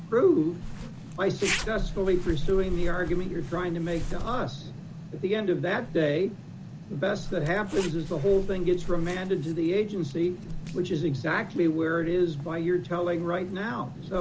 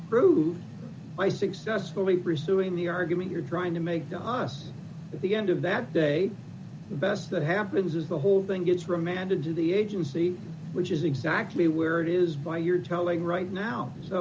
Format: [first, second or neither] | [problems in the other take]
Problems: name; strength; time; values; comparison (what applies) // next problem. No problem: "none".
second | background sound (Zipper (clothing)); 7 dB below the speech